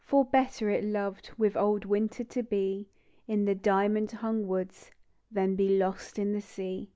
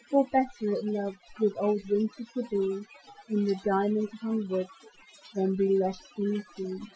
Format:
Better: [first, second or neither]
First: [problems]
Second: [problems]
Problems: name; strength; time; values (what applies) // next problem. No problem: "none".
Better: first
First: none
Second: noise reduction (classical method Wiener filter)